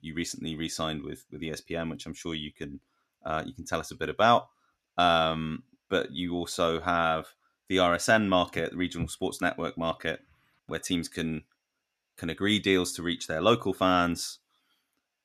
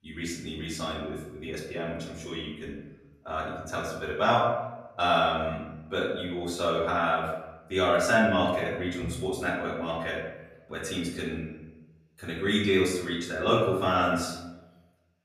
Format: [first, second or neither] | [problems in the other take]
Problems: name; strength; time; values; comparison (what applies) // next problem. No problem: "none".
first | off-mic speech; far // room echo; noticeable; dies away in 0.9 s